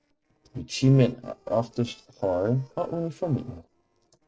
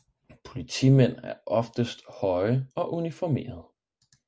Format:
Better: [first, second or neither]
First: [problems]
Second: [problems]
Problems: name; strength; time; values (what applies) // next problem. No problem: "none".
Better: second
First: noise reduction (neural separator model SepFormer DNS4)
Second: none